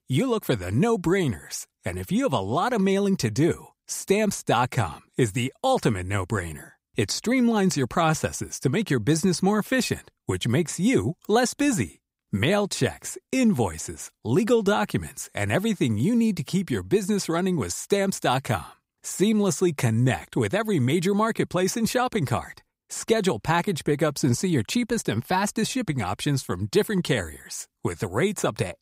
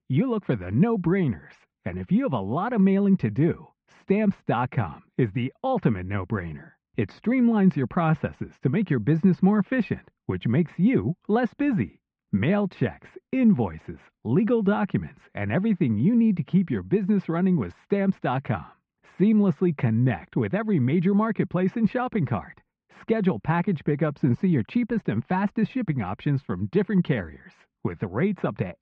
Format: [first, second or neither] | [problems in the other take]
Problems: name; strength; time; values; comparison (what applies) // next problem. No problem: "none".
first | muffled; very; fading above 2.5 kHz